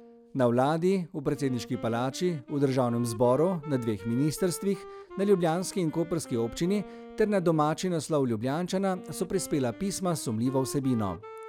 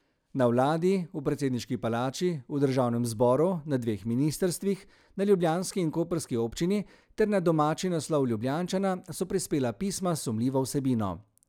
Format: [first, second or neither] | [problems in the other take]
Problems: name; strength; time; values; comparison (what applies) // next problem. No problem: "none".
second | background sound (Wind instrument, woodwind instrument); 17 dB below the speech